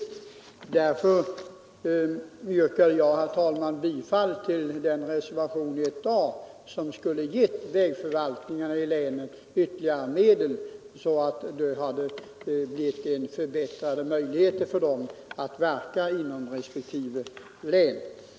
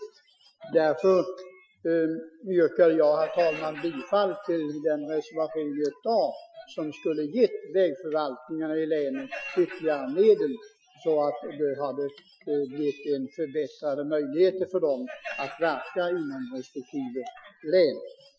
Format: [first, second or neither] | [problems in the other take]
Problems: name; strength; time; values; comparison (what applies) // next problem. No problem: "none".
first | noise reduction (classical method Wiener filter)